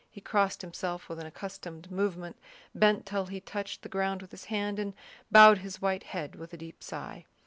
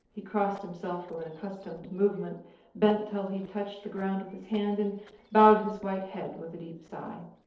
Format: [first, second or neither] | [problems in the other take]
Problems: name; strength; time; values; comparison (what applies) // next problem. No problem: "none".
first | noise reduction (neural separator model SepFormer DNS4)